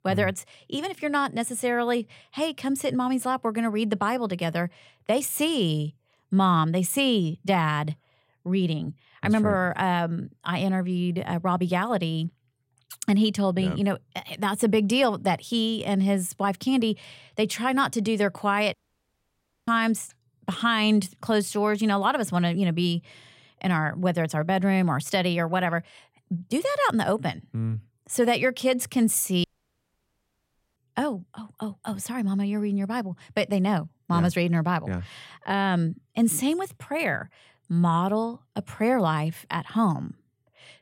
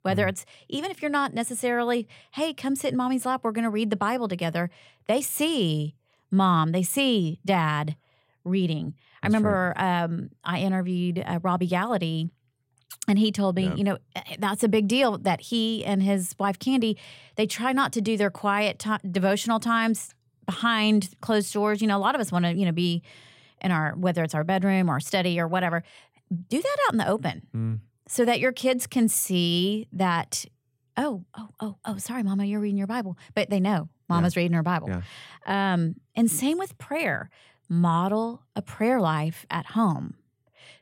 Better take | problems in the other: second | audio cutting out; at 19 s for 1 s and at 29 s for 1.5 s

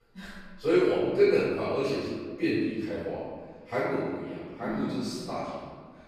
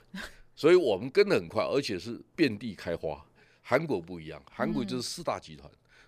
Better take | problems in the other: second | off-mic speech; far // room echo; strong; dies away in 1.4 s

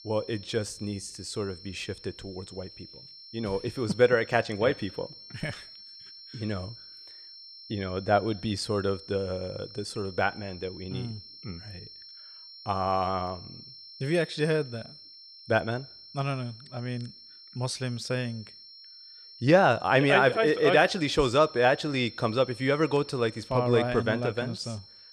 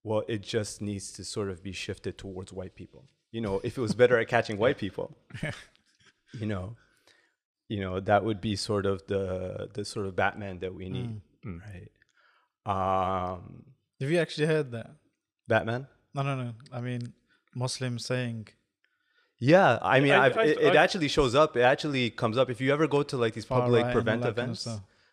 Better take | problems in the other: second | high-pitched whine; noticeable; throughout; 5.5 kHz, 20 dB below the speech

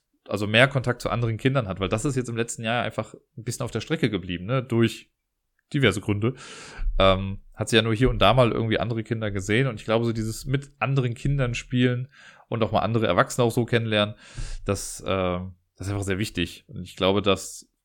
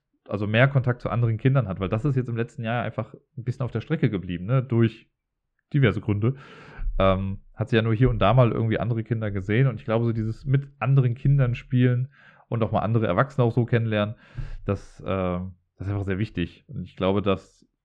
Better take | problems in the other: first | muffled; very; fading above 2 kHz

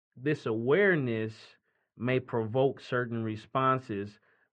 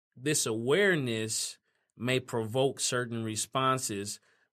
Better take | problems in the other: second | muffled; very; fading above 2 kHz

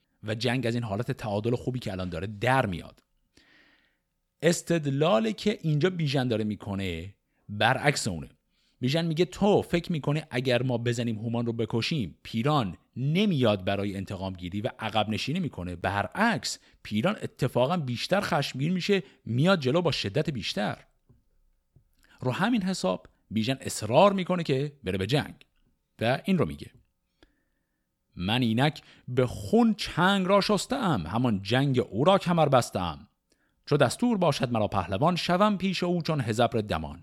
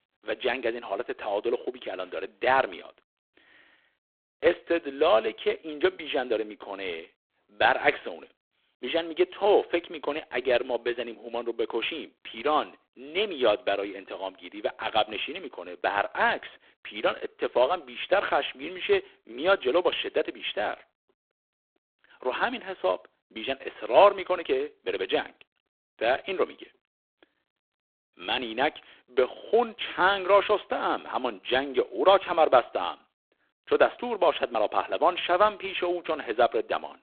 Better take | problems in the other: first | phone-call audio; poor line

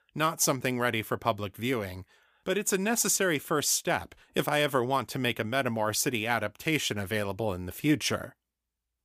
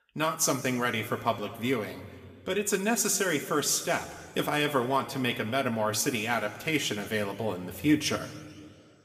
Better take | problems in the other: first | room echo; slight; dies away in 1.5 s

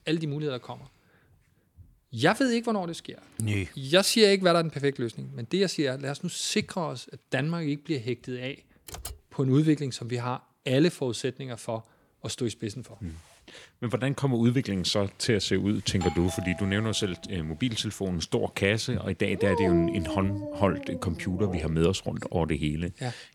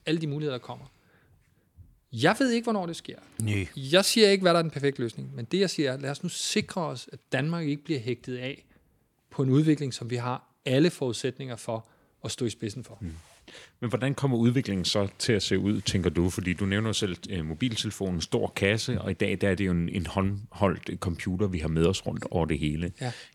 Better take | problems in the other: second | keyboard typing; faint; at 9 s; peak 10 dB below the speech // doorbell; noticeable; from 16 to 17 s; peak 9 dB below the speech // dog barking; loud; from 19 to 22 s; peak 1 dB above the speech

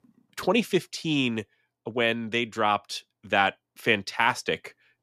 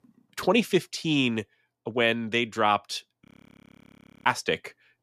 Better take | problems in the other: first | audio freezing; at 3.5 s for 1 s

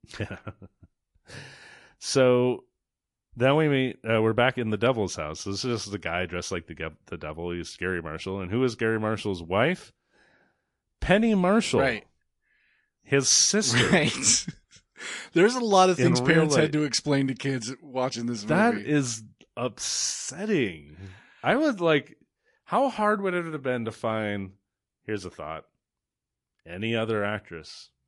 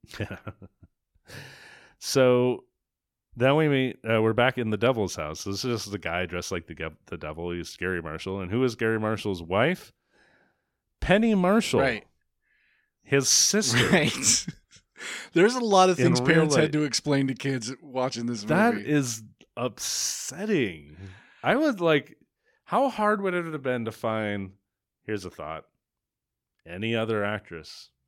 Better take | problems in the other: second | garbled, watery; slightly; nothing above 11 kHz

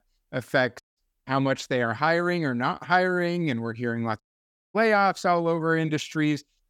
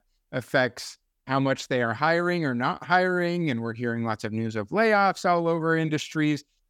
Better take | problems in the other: second | audio cutting out; at 1 s and at 4 s for 0.5 s

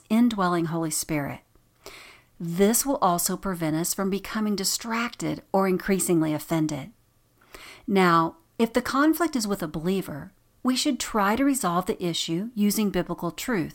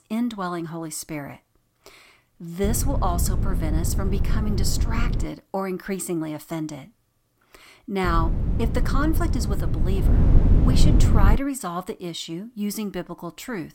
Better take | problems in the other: first | wind noise on the microphone; heavy; from 2.5 to 5.5 s and from 8 to 11 s; 5 dB below the speech

